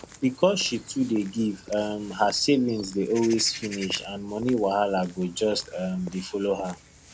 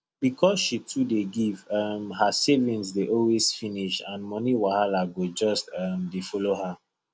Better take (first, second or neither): second